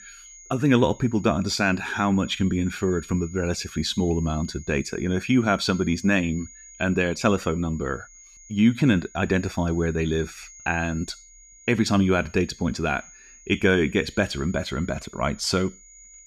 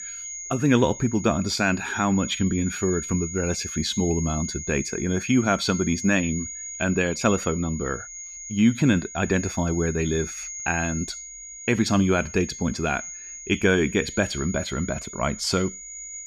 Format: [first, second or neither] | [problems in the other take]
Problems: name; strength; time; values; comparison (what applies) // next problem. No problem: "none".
first | high-pitched whine; loud; throughout; 6.5 kHz, 10 dB below the speech; faint in the first